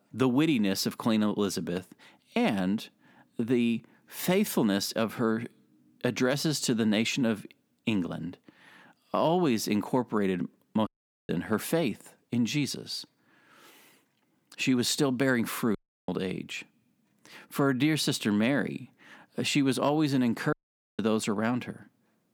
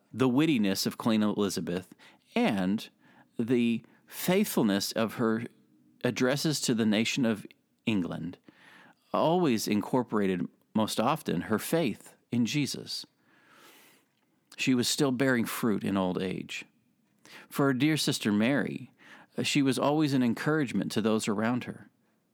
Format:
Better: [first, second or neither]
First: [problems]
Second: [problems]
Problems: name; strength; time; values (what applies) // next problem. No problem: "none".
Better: second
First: audio cutting out; at 11 s, at 16 s and at 21 s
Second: none